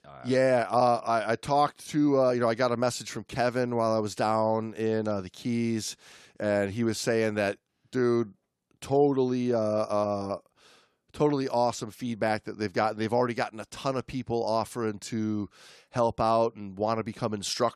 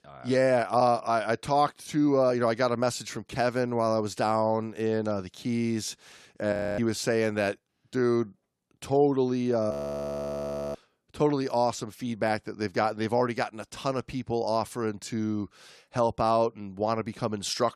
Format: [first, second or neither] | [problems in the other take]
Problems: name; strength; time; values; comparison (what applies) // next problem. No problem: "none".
first | audio freezing; at 6.5 s and at 9.5 s for 1 s